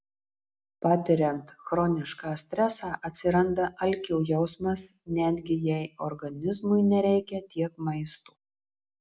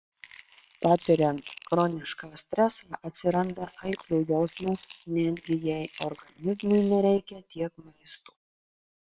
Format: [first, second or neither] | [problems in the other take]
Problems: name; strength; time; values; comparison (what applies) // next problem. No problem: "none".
first | noise reduction (neural separator model SepFormer WHAM!)